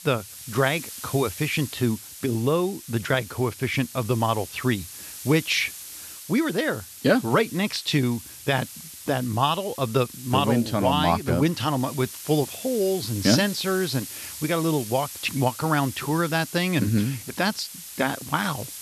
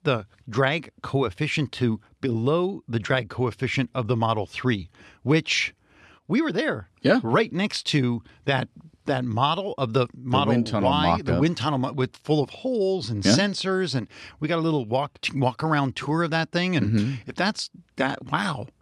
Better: second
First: hiss; noticeable; throughout; 10 dB below the speech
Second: none

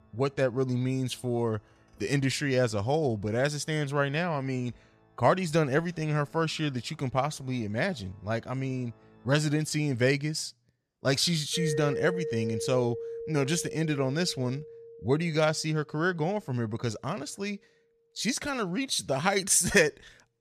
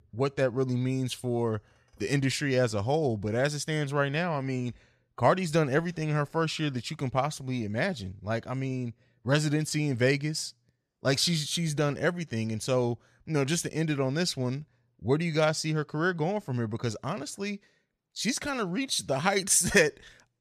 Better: second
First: background music; loud; throughout; 9 dB below the speech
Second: none

